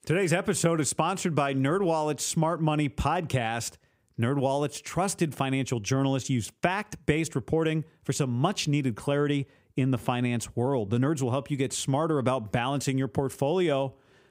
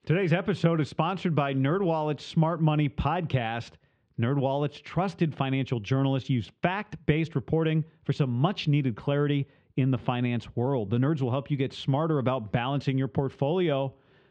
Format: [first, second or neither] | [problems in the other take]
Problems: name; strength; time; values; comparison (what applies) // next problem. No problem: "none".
first | muffled; slightly; fading above 3.5 kHz